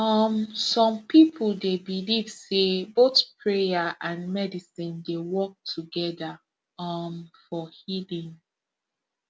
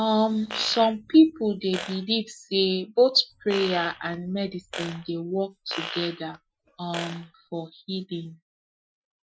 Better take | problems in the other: first | noise reduction (classical method Wiener filter)

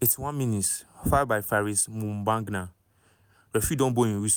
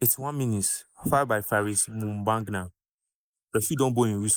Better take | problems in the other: first | noise reduction (neural mask model Resemble Enhance denoiser)

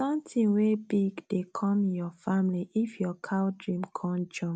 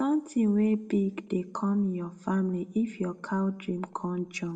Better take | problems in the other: first | room echo; dies away in 1.3 s

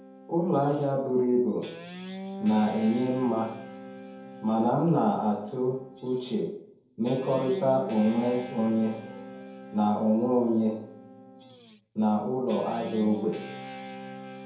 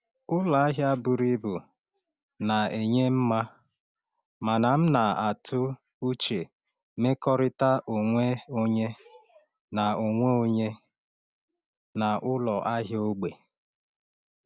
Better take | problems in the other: second | background sound (Guitar); 15 dB below the speech // room echo; dies away in 0.7 s

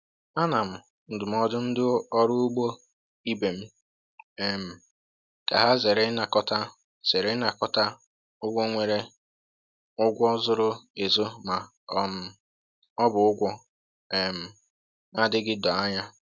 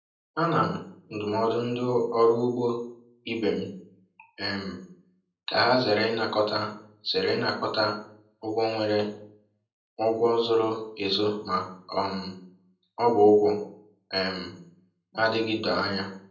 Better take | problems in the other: first | room echo; dies away in 0.6 s

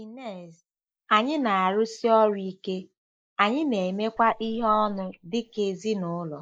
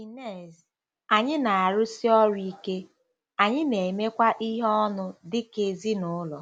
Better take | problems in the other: second | noise reduction (neural mask model Resemble Enhance denoiser)

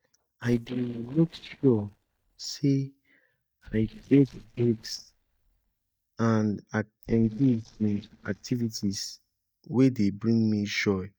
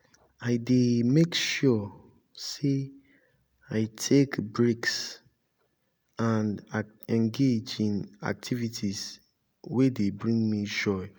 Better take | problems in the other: second | noise reduction (neural mask model DeepFilterNet 3)

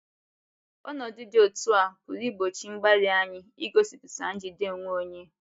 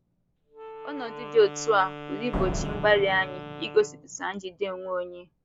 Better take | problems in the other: first | background sound (Slam + Wind instrument, woodwind instrument); 9 dB below the speech

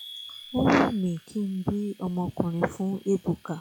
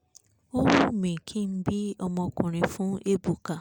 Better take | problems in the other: second | noise reduction (classical method log-MMSE)

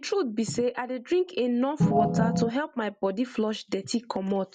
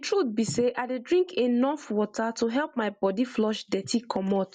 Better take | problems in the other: second | background sound (Organ); 4 dB above the speech

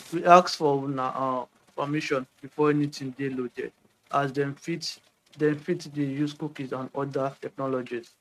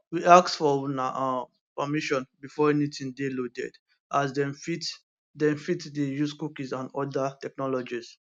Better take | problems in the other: second | noise reduction (neural mask model RNNoise)

